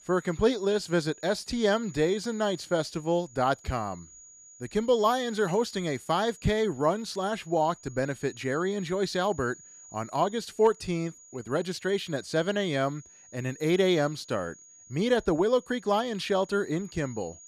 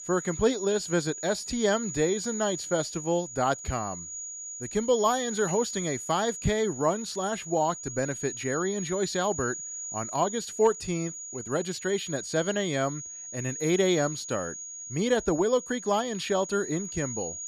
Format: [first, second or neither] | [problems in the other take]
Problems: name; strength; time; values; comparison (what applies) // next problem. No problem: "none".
first | high-pitched whine; loud; throughout; 7 kHz, 8 dB below the speech; faint in the first